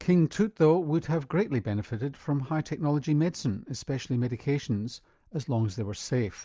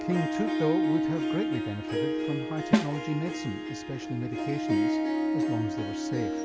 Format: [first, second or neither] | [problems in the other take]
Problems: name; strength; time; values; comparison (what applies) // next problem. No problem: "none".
first | background sound (Snare drum + Harp); 4 dB above the speech